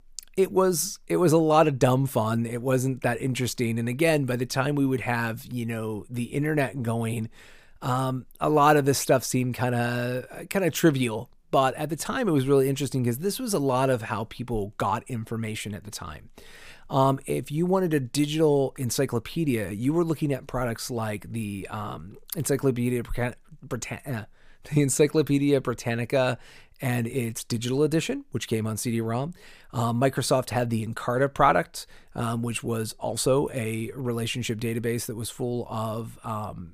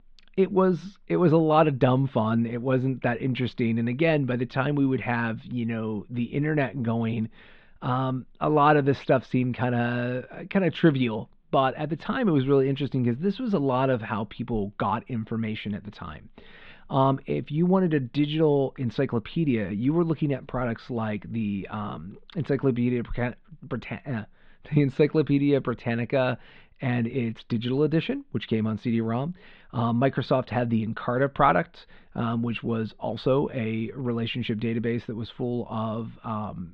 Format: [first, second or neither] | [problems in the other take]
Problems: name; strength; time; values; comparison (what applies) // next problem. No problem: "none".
first | muffled; very; fading above 3.5 kHz